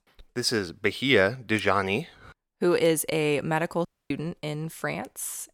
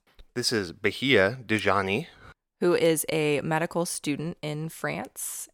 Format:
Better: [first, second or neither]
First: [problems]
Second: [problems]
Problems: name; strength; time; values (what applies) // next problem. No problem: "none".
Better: second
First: audio cutting out; at 4 s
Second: none